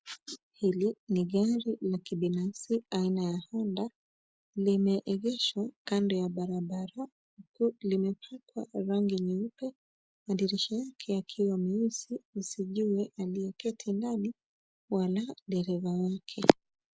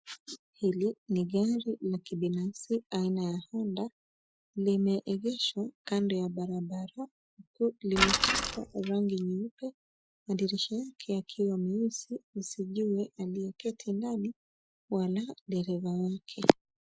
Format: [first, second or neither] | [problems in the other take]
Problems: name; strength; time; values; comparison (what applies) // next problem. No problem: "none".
first | noise reduction (classical method Wiener filter)